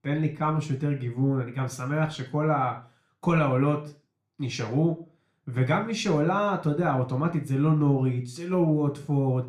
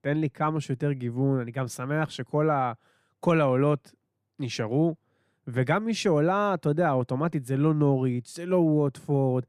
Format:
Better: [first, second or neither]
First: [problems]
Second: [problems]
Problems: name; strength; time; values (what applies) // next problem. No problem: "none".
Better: second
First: room echo; very slight; dies away in 0.4 s // off-mic speech; somewhat distant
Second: none